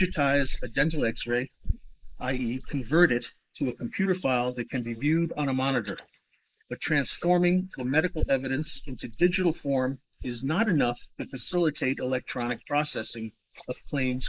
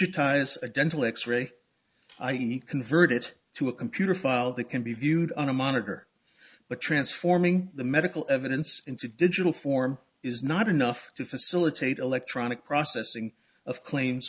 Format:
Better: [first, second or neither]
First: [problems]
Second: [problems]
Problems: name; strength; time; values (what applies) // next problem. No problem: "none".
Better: second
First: noise reduction (neural mask model Resemble Enhance denoiser)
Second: none